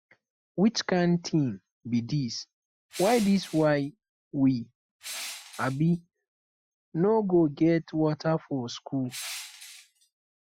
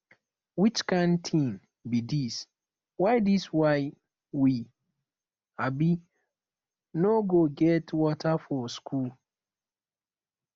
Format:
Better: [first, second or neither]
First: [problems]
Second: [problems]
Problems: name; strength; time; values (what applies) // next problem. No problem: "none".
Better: second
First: noise reduction (classical method Wiener filter)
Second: none